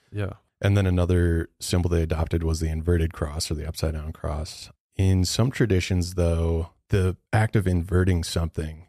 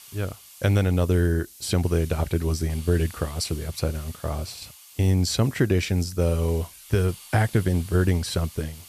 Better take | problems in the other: first | hiss; noticeable; throughout; 20 dB below the speech

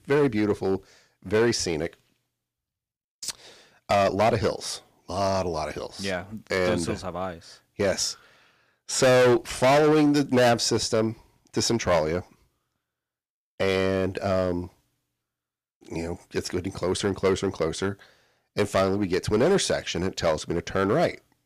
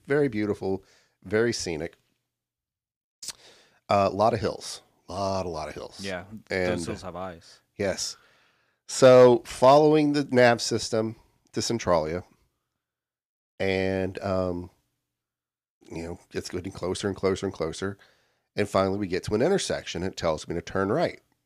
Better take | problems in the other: second | distortion; heavy; 5% of the sound clipped

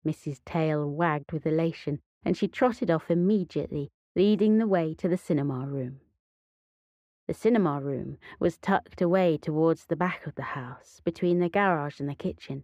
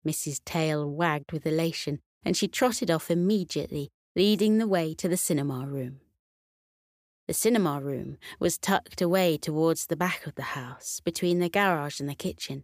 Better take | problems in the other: second | muffled; very; fading above 4 kHz

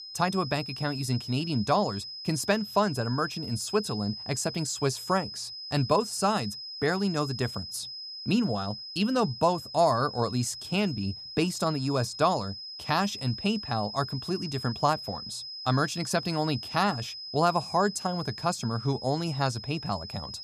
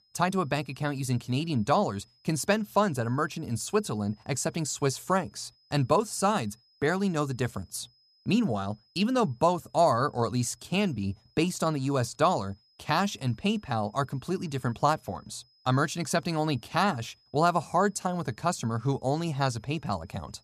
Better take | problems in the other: second | high-pitched whine; loud; throughout; 5 kHz, 9 dB below the speech; faint in the second

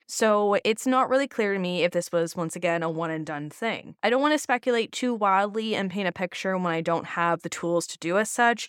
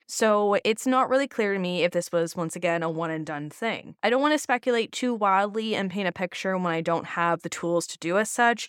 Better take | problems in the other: neither | none

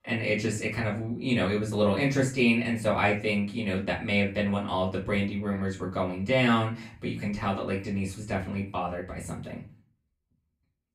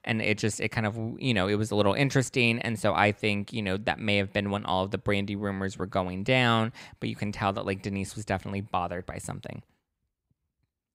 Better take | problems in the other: second | off-mic speech; far // room echo; slight; dies away in 0.3 s

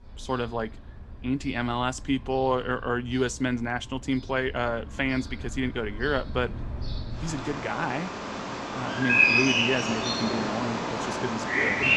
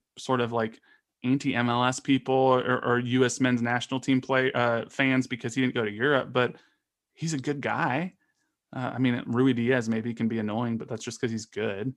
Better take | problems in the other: second | animal sounds; very loud; throughout; 3 dB above the speech

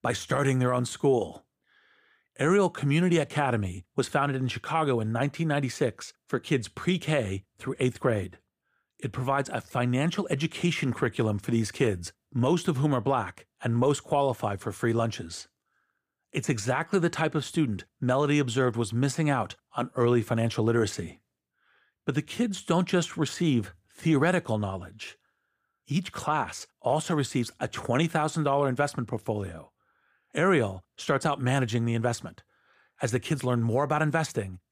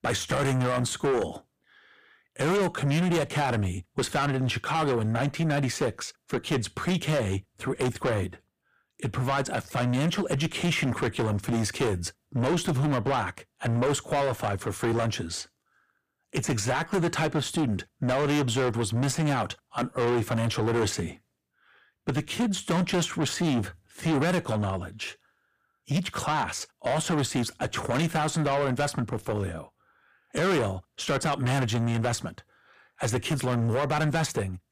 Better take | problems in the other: first | distortion; heavy; 7 dB below the speech

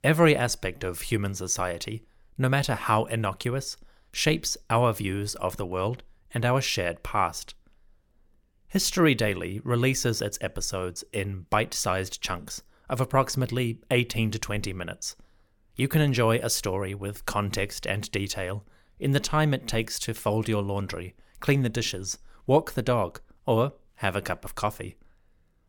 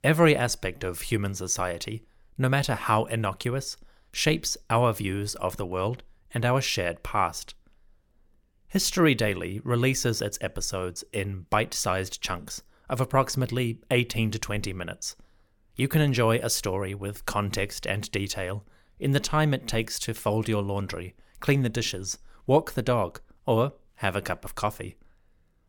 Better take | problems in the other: neither | none

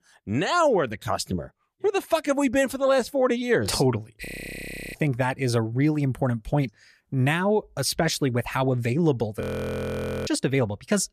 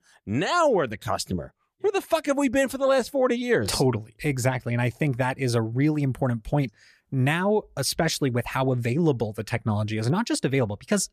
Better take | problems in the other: second | audio freezing; at 4.5 s for 0.5 s and at 9.5 s for 1 s

